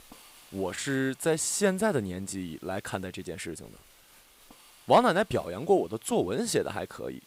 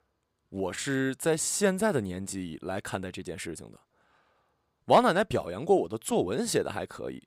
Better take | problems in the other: second | hiss; faint; throughout; 25 dB below the speech

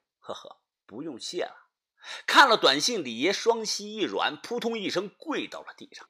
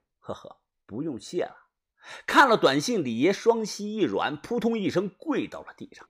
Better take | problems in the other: second | thin; very slightly; fading below 600 Hz

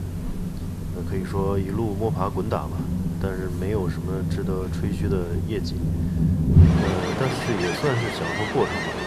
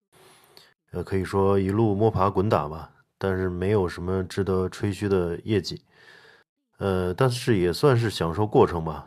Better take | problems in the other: second | rain or running water; very loud; throughout; 3 dB above the speech

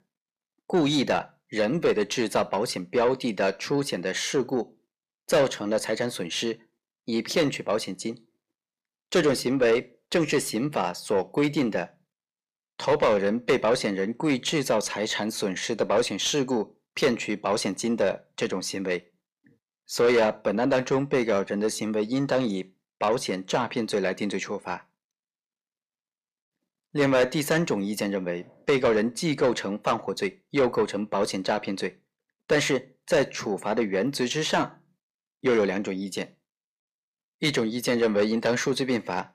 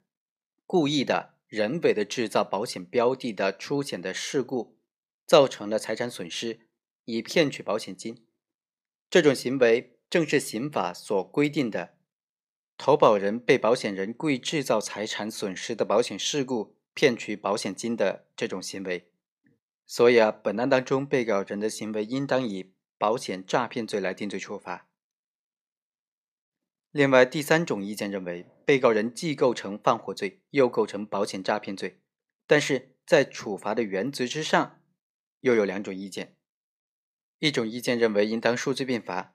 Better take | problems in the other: second | distortion; heavy; 8 dB below the speech

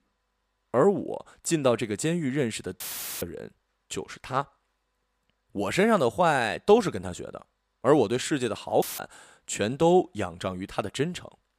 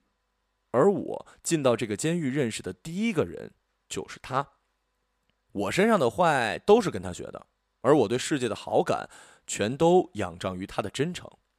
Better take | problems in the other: second | audio cutting out; filled with static; at 3 s and at 9 s

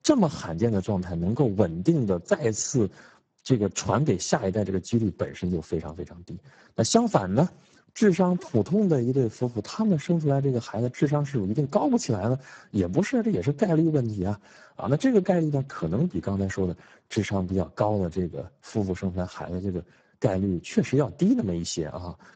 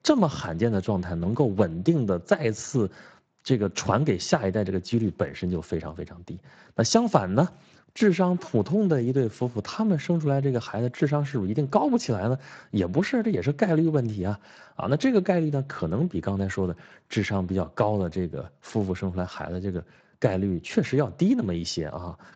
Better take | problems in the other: second | garbled, watery; badly; nothing above 7.5 kHz; slightly in the second

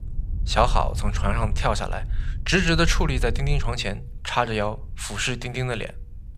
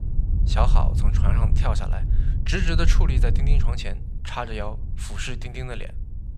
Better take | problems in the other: first | low rumble; loud; throughout; 10 dB below the speech; faint in the first

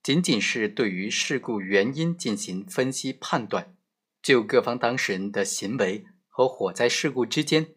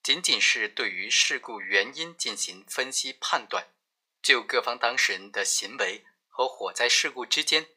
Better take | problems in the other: first | thin; very; fading below 800 Hz

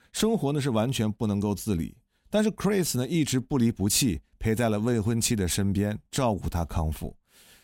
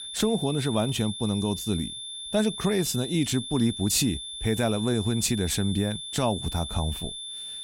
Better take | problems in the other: first | high-pitched whine; loud; throughout; 3.5 kHz, 8 dB below the speech

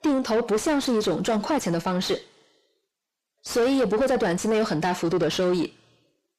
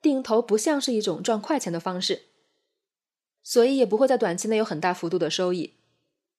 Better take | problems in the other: second | distortion; heavy; 7 dB below the speech

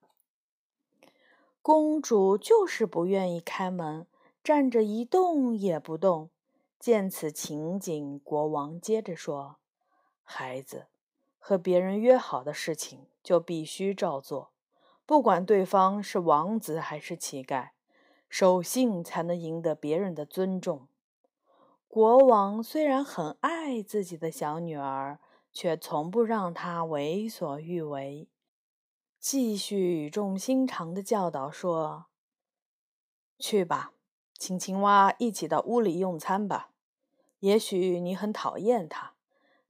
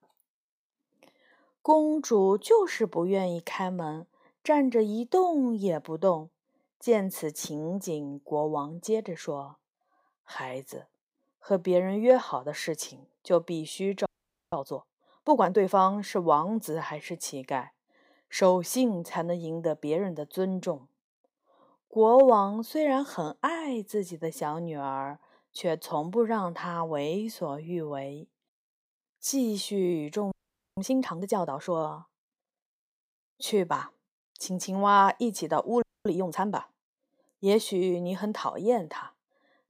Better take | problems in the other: first | audio freezing; at 14 s, at 30 s and at 36 s

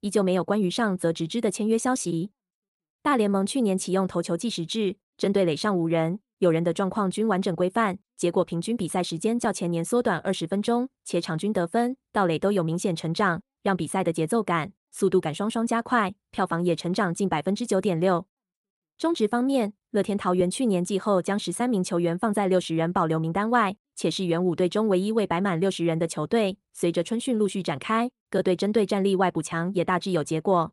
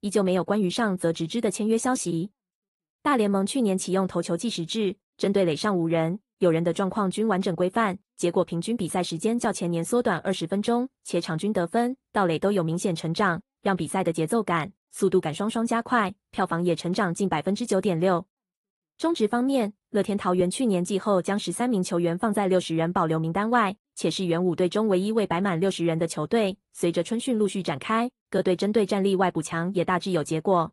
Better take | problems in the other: first | garbled, watery; slightly

